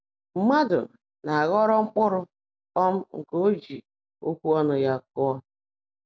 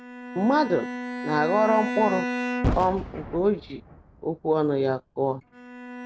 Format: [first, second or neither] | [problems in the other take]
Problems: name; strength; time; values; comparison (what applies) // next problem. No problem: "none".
first | background sound (Boom + Bowed string instrument); 6 dB below the speech